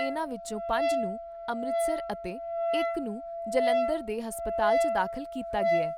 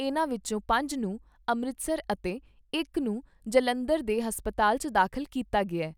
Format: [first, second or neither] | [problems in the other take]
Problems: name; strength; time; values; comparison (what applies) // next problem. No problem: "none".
second | background sound (Wind instrument, woodwind instrument); 4 dB above the speech